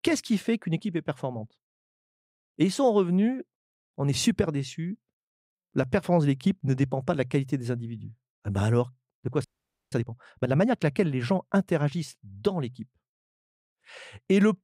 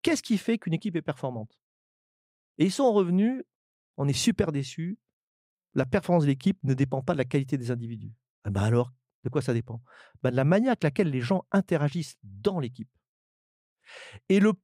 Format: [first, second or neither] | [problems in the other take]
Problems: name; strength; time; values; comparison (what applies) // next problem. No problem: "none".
second | audio freezing; at 9.5 s